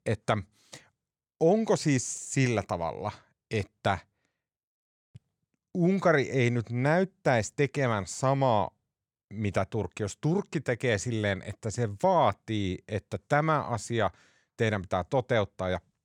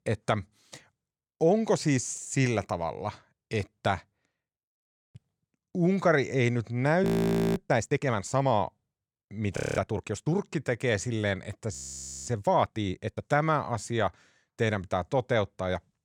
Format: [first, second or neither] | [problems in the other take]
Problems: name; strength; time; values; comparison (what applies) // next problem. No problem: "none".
first | audio freezing; at 7 s for 0.5 s, at 9.5 s and at 12 s for 0.5 s